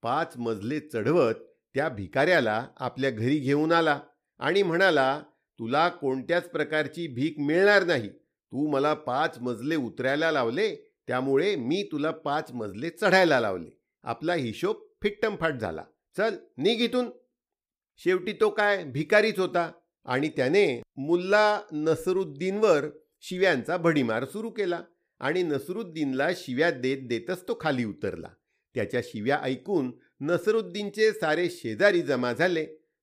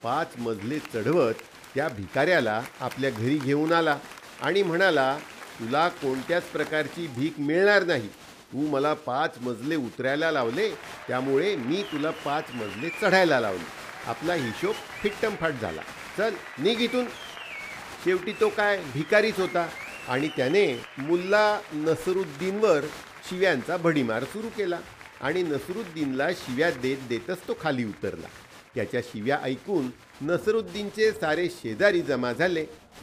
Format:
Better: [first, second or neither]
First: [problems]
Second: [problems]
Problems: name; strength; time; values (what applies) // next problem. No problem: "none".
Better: first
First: none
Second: crowd noise; noticeable; throughout; 15 dB below the speech